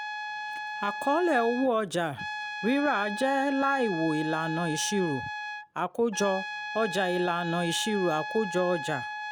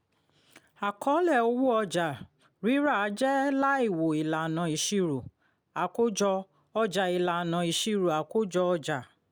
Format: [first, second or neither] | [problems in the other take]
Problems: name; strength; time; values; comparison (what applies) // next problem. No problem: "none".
second | background sound (Trumpet); 7 dB below the speech